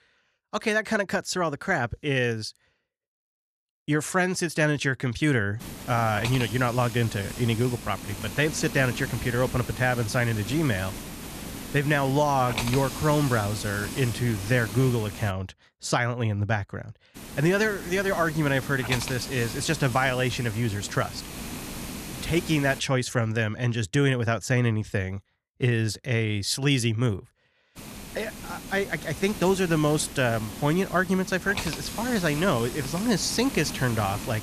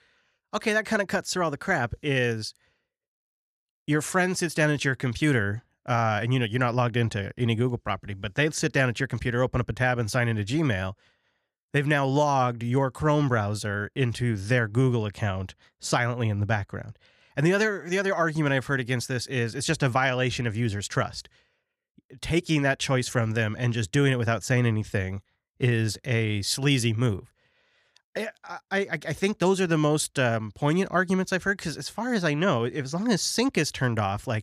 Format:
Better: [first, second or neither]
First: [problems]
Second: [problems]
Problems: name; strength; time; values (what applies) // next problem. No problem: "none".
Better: second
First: hiss; noticeable; from 5.5 to 15 s, from 17 to 23 s and from 28 s on; 10 dB below the speech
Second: none